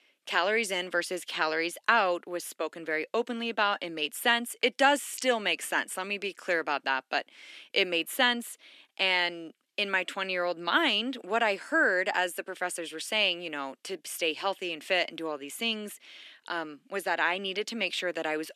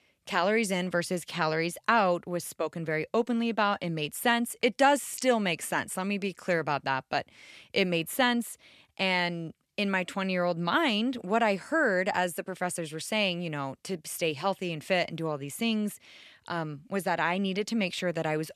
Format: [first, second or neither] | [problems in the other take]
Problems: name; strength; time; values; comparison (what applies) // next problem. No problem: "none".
second | thin; somewhat; fading below 300 Hz